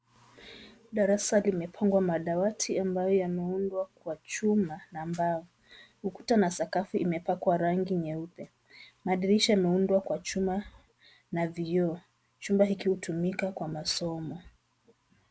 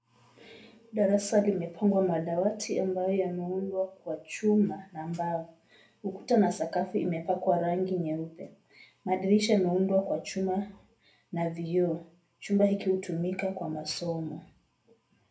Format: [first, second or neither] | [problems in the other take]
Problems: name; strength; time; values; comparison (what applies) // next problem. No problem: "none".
first | room echo; dies away in 0.3 s